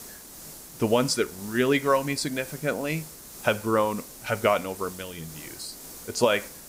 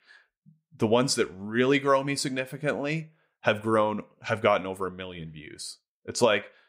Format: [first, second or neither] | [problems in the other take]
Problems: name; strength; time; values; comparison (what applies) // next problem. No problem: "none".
second | hiss; noticeable; throughout; 15 dB below the speech